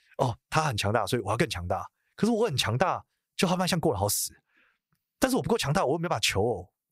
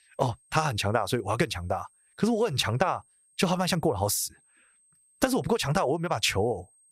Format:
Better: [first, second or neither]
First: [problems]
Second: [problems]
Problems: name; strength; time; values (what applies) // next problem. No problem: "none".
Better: first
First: none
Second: high-pitched whine; faint; throughout; 8.5 kHz, 35 dB below the speech